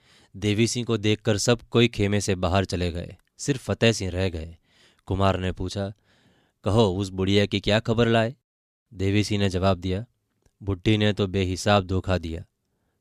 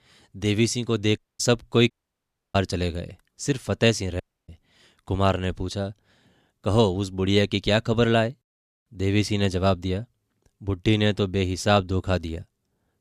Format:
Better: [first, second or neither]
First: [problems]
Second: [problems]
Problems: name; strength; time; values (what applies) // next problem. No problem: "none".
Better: first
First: none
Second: audio cutting out; at 1 s, at 2 s for 0.5 s and at 4 s